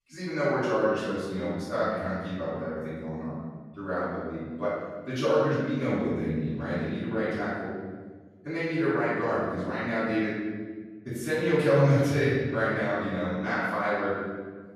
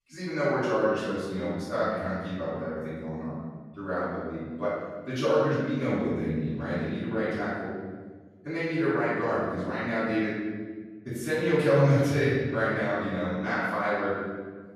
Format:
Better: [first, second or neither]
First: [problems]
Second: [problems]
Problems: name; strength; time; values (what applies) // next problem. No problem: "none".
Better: neither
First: room echo; strong; dies away in 1.5 s // off-mic speech; far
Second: room echo; strong; dies away in 1.5 s // off-mic speech; far